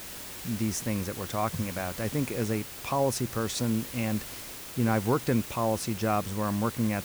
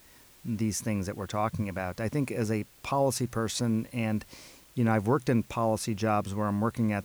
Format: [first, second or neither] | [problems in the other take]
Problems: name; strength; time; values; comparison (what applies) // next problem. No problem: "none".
second | hiss; loud; throughout; 9 dB below the speech; faint in the second